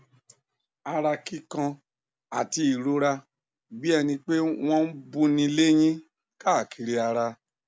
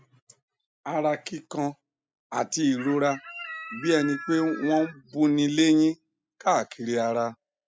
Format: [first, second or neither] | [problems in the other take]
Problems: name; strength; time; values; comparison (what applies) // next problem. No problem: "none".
first | noise reduction (classical method spectral subtraction)